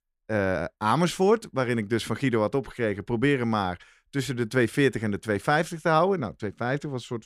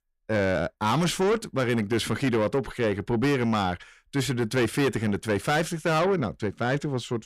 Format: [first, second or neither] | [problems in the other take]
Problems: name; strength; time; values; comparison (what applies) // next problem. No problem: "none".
first | distortion; heavy; 8 dB below the speech